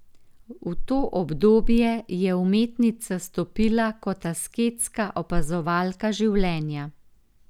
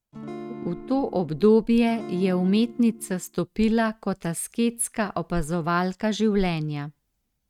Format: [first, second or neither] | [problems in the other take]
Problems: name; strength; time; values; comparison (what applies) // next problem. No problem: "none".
first | noise reduction (neural mask model RNNoise)